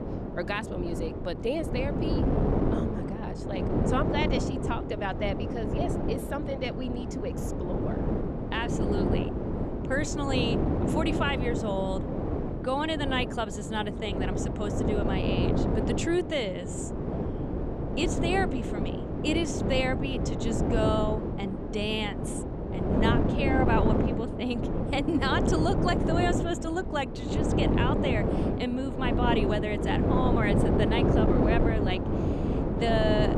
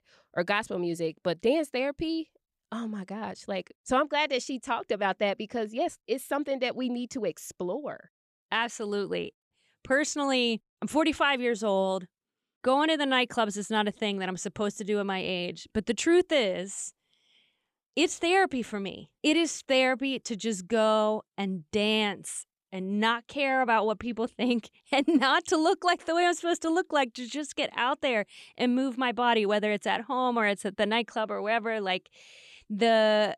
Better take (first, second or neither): second